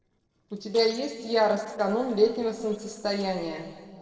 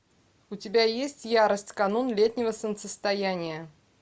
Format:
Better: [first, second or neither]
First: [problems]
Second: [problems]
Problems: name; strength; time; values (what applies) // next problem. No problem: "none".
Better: second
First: noise reduction (neural separator model SepFormer DNS4)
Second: none